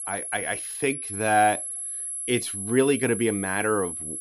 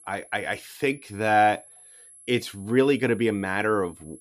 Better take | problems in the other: second | high-pitched whine; loud; throughout; 11 kHz, 5 dB below the speech; faint in the second

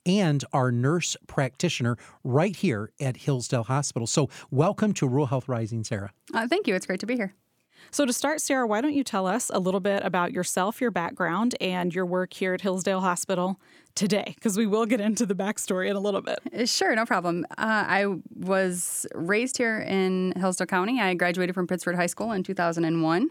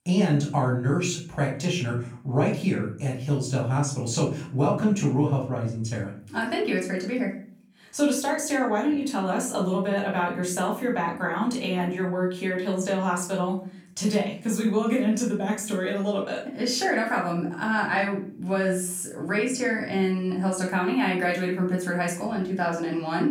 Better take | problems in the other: first | off-mic speech; far // room echo; slight; dies away in 0.5 s

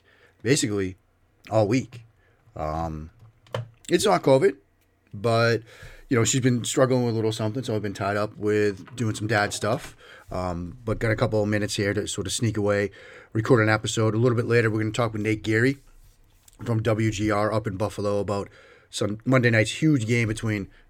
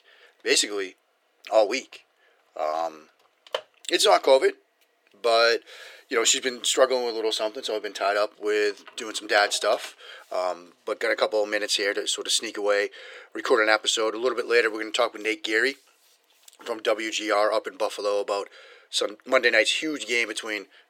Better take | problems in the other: first | thin; very; fading below 400 Hz

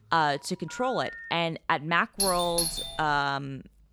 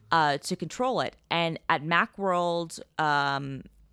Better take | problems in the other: second | phone ringing; faint; until 1.5 s; peak 10 dB below the speech // doorbell; loud; at 2 s; peak 1 dB above the speech

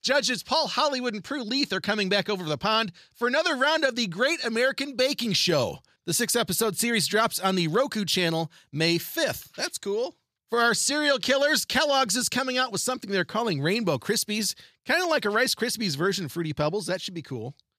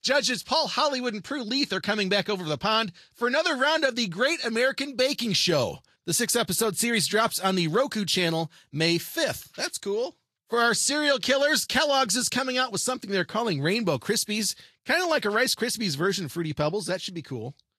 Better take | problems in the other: first | garbled, watery; slightly; nothing above 13 kHz

